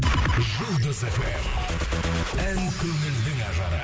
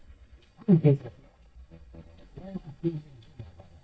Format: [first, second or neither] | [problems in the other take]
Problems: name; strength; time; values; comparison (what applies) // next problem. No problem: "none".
first | noise reduction (neural mask model DeepFilterNet 3)